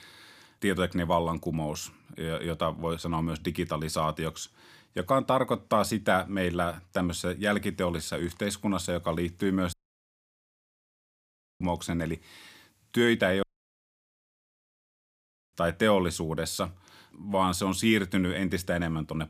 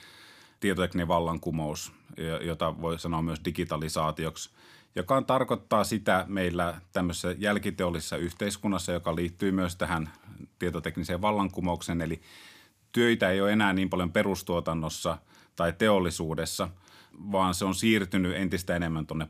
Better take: second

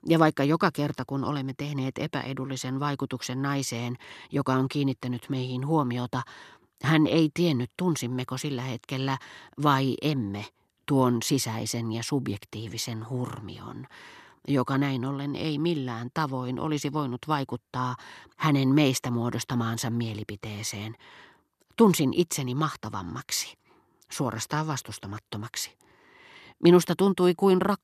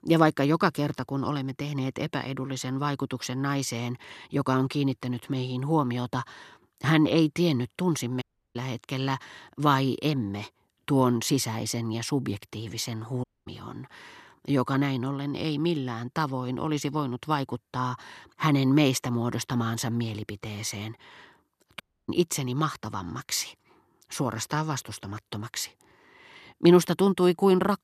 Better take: first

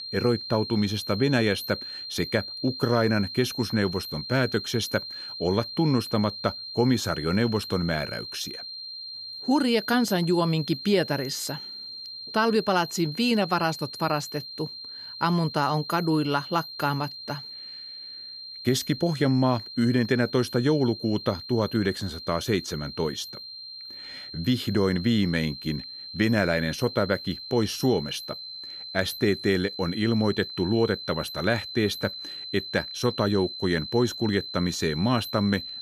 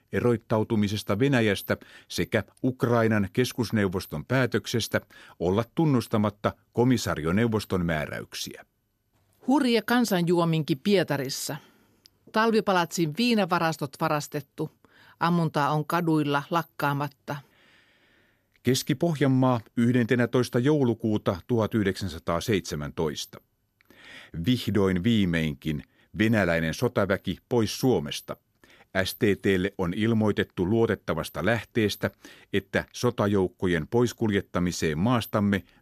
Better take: second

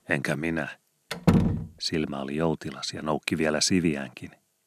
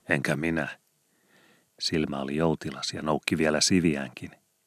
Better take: second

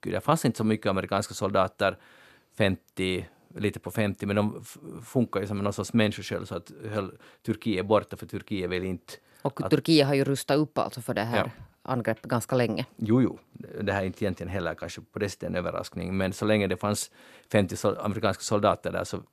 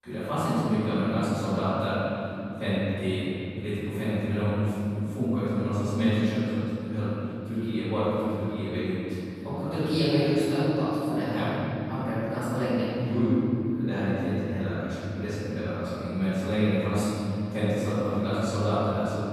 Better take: first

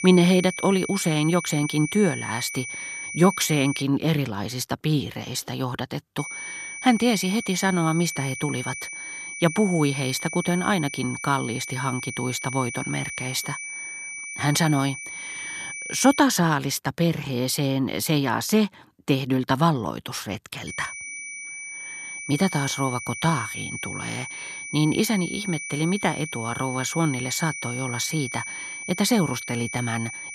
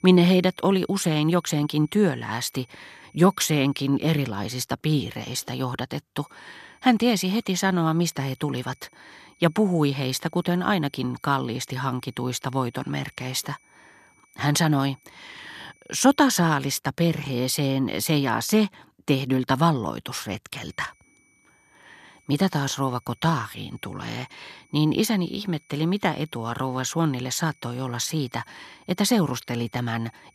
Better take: second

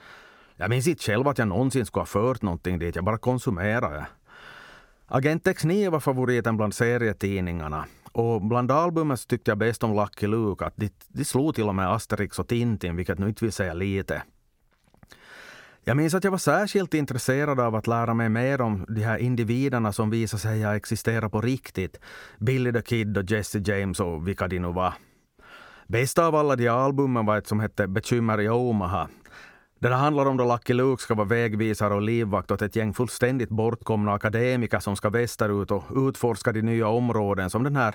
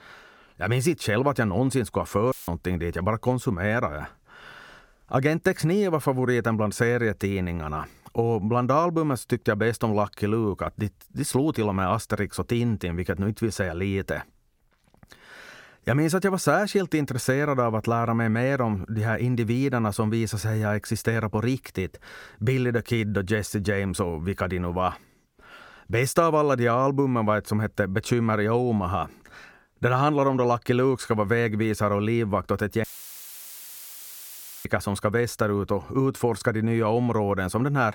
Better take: first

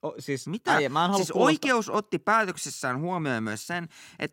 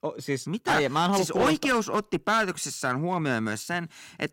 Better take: first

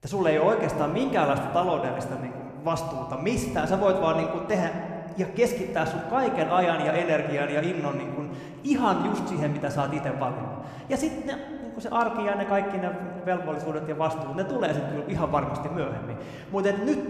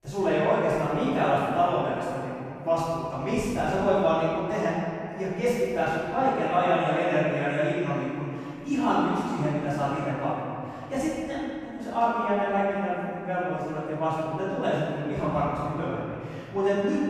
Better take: first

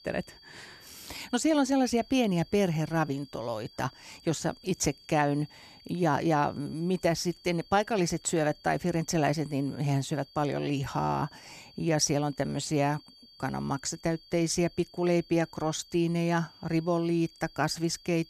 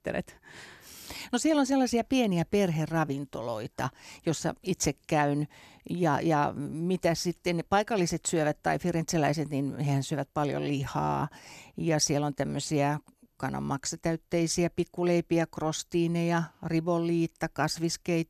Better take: second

